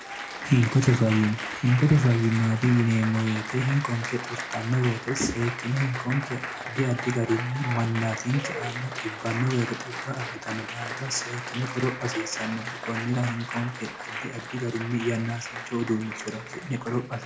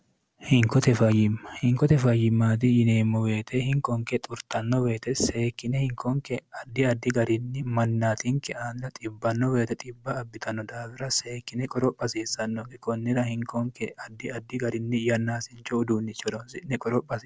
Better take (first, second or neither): second